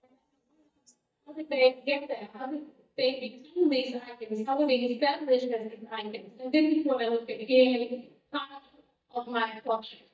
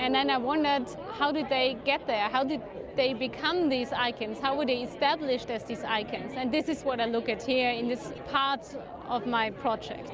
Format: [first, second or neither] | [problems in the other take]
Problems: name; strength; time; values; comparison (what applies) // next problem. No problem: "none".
second | noise reduction (neural mask model DeepFilterNet 3)